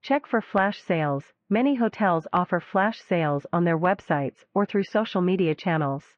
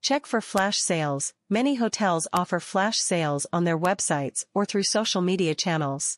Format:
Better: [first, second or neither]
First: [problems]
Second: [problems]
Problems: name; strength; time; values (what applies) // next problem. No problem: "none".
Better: second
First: muffled; very; fading above 2.5 kHz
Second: none